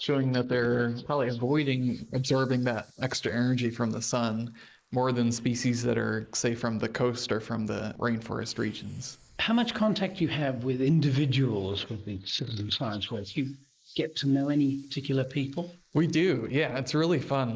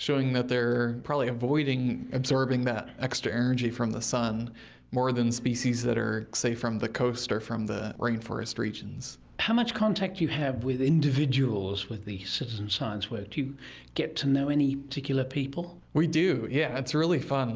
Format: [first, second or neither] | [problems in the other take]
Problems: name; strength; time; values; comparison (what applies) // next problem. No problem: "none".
second | noise reduction (neural mask model Resemble Enhance denoiser)